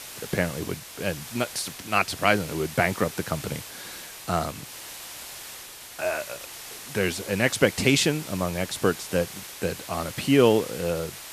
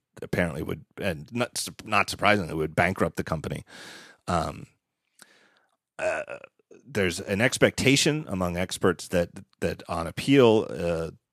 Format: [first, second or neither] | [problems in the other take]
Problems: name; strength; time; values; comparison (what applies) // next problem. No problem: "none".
second | hiss; noticeable; throughout; 10 dB below the speech